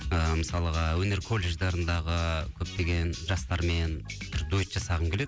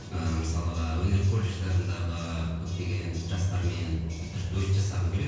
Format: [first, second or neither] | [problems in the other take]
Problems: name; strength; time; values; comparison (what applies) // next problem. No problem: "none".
first | background sound (Engine / Boat, Water vehicle); 18 dB below the speech // room echo; dies away in 1 s